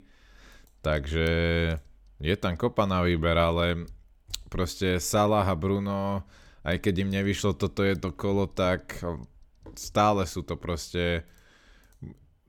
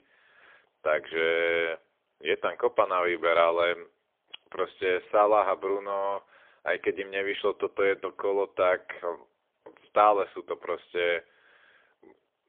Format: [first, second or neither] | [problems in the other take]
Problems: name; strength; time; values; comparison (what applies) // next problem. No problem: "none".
first | phone-call audio; poor line; nothing above 3.5 kHz